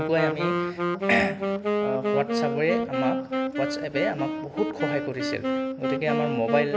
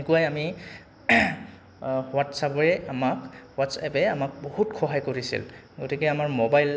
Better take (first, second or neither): second